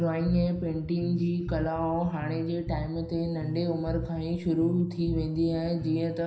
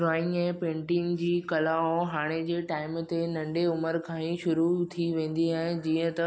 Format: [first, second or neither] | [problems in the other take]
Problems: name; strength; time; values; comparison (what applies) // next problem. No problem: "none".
second | background sound (Bass guitar); 9 dB below the speech // room echo; dies away in 0.5 s